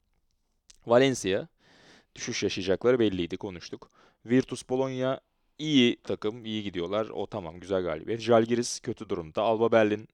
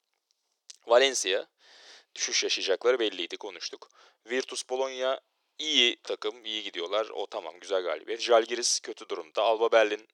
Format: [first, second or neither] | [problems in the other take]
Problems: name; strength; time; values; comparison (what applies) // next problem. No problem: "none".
first | thin; very; fading below 400 Hz